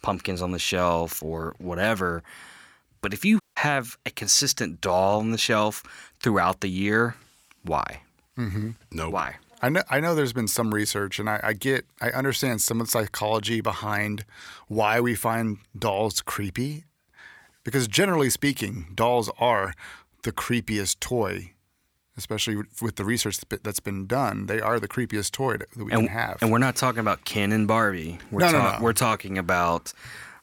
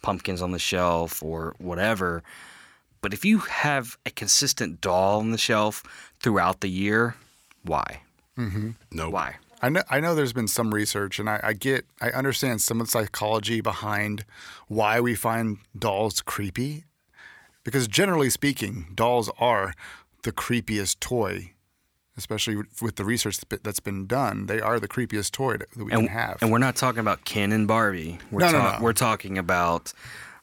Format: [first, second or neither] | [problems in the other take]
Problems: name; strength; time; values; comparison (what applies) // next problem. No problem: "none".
second | audio cutting out; at 3.5 s